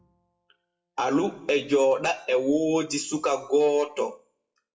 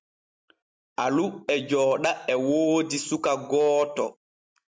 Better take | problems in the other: second | noise reduction (classical method WPE with log-MMSE)

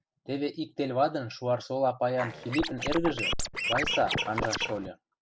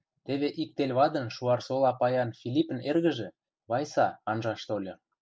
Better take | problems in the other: second | background sound (Scratching (performance technique)); 1 dB below the speech

